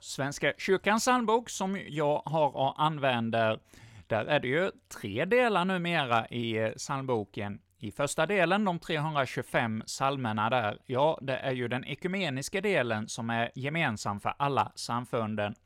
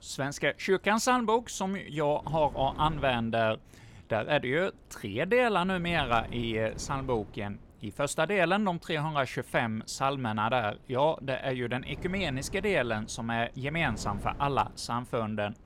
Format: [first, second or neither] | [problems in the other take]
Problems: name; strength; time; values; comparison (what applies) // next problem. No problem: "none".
first | wind noise on the microphone; occasional gusts; 25 dB below the speech